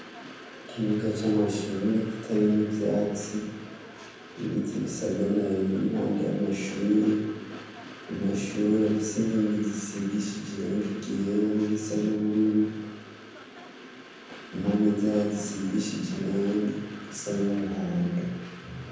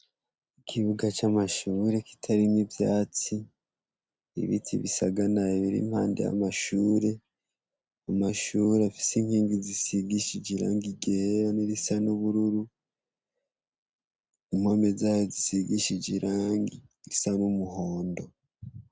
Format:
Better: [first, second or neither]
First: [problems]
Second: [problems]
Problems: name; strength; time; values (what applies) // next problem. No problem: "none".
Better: second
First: background sound (Train); 17 dB below the speech // room echo; dies away in 1.1 s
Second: none